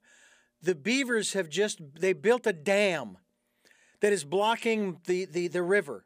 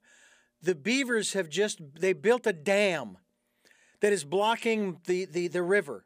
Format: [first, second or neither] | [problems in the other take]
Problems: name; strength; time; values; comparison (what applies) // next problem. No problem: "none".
neither | none